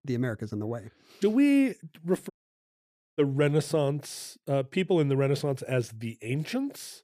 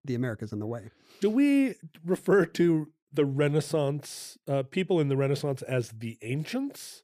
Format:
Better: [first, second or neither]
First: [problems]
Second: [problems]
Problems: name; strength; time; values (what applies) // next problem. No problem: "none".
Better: second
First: audio cutting out; at 2.5 s for 1 s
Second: none